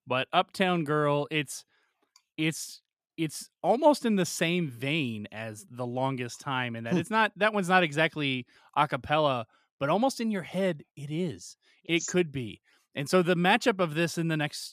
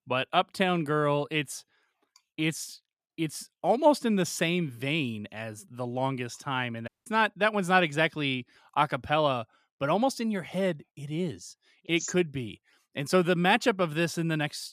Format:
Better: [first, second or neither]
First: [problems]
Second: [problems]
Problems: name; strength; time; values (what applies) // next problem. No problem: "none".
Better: first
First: none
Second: audio cutting out; at 7 s